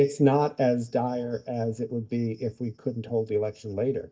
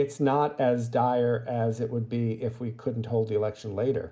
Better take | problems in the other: second | noise reduction (neural mask model DeepFilterNet 3)

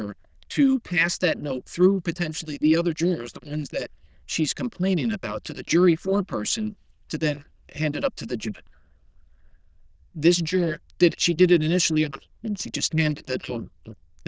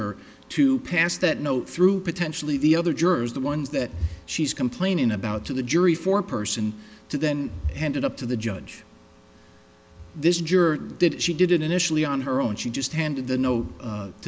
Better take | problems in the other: second | noise reduction (neural diffusion model UNIVERSE++)

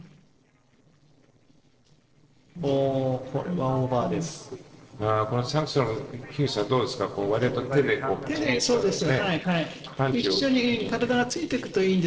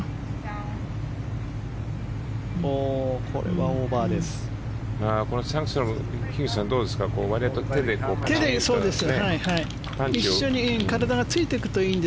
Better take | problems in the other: second | noise reduction (neural separator model SepFormer DNS4)

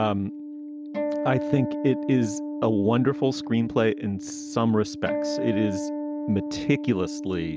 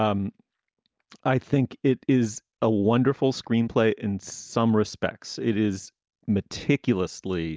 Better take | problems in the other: second | background sound (Acoustic guitar); 5 dB below the speech

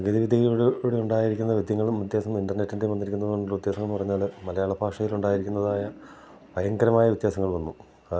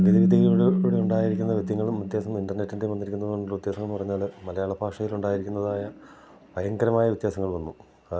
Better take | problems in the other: first | background sound (Keyboard (musical)); 1 dB below the speech

